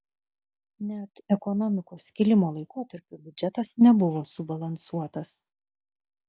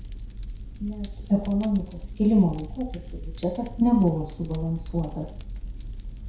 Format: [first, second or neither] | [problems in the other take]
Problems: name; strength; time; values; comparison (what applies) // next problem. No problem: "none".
first | background sound (Fire); 9 dB below the speech // room echo; dies away in 0.6 s